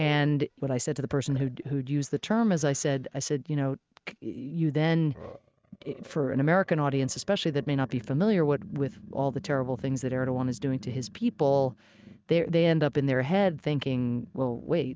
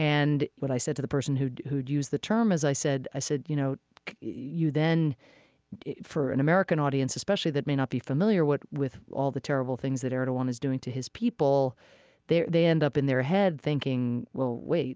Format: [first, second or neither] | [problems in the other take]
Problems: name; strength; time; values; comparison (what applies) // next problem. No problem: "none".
second | noise reduction (neural mask model RNNoise)